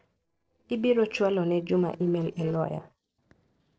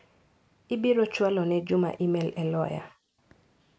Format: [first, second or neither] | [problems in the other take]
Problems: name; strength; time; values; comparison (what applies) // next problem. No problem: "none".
second | noise reduction (neural separator model SepFormer DNS4)